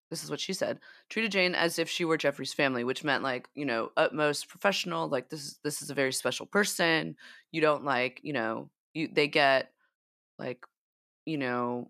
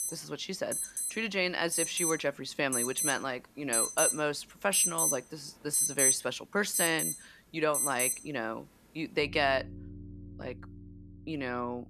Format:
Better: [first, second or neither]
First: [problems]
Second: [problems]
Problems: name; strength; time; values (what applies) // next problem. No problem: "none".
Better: first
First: none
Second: alarms or sirens; very loud; throughout; 3 dB above the speech